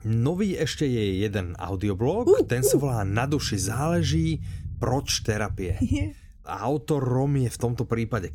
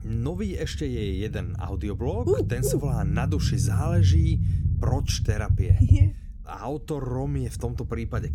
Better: first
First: low rumble; faint; throughout; 20 dB below the speech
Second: low rumble; loud; throughout; 6 dB below the speech

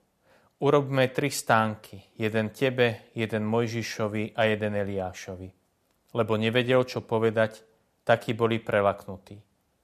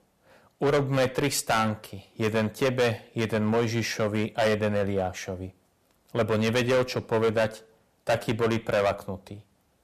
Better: first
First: none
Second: distortion; heavy; 8% of the sound clipped

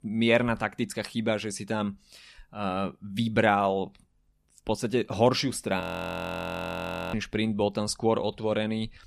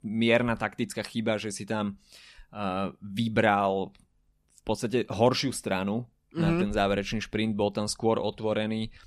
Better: second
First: audio freezing; at 6 s for 1.5 s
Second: none

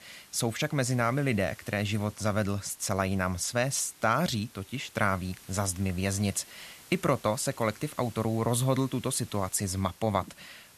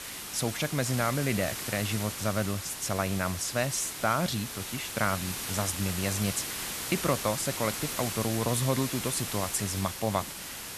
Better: first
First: hiss; faint; throughout; 20 dB below the speech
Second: hiss; loud; throughout; 4 dB below the speech

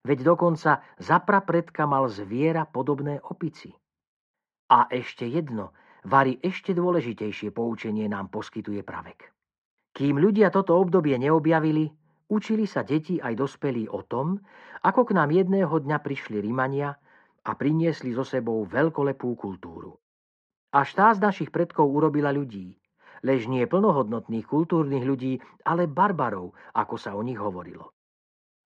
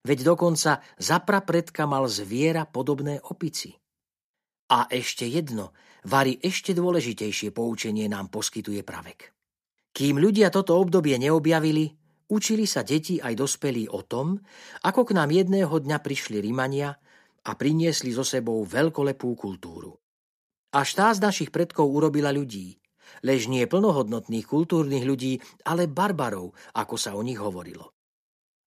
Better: second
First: muffled; very; fading above 1.5 kHz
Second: none

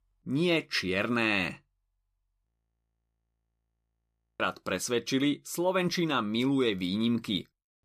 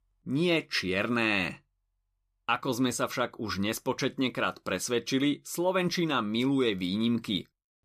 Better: second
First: audio freezing; at 2.5 s for 2 s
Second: none

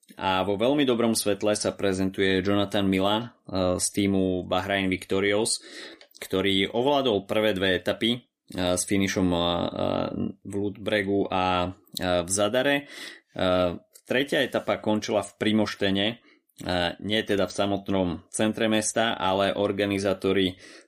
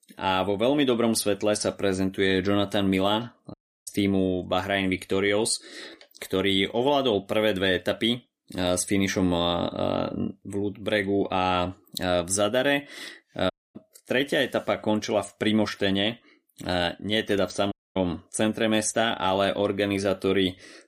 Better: first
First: none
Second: audio cutting out; at 3.5 s, at 14 s and at 18 s

